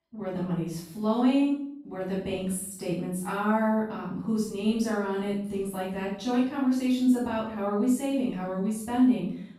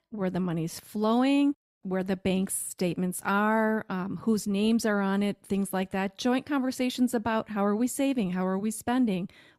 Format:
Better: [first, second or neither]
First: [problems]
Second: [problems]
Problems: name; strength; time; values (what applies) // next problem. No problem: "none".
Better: second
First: off-mic speech; far // room echo; noticeable; dies away in 0.6 s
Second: none